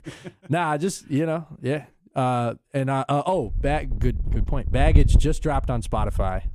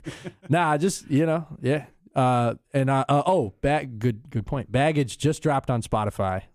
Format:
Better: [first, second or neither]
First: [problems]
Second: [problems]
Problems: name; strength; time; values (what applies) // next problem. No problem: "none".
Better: second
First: wind noise on the microphone; occasional gusts; from 3.5 s on; 15 dB below the speech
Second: none